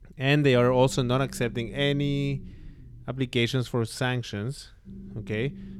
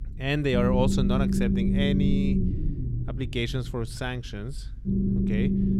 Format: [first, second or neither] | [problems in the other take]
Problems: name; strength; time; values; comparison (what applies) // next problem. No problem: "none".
first | low rumble; loud; throughout; 3 dB below the speech; faint in the first